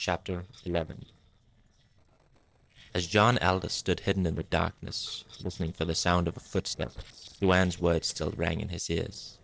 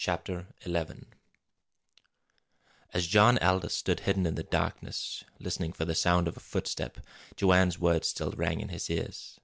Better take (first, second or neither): second